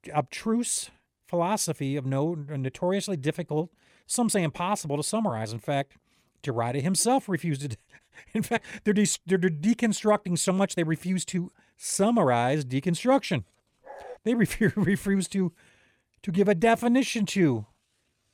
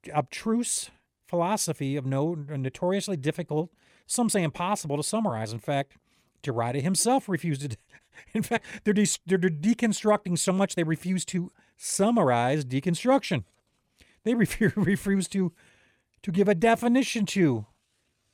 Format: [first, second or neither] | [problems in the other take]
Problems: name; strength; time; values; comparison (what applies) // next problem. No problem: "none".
second | dog barking; faint; at 14 s; peak 15 dB below the speech